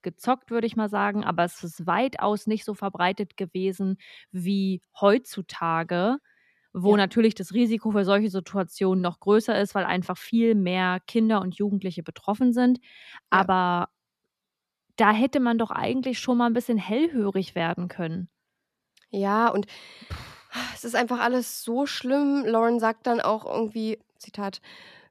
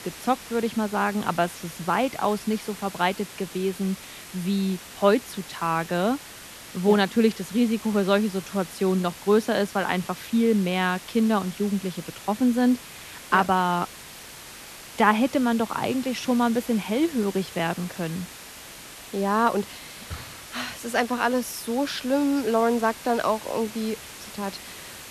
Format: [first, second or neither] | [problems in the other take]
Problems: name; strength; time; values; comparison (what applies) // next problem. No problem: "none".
first | hiss; noticeable; throughout; 15 dB below the speech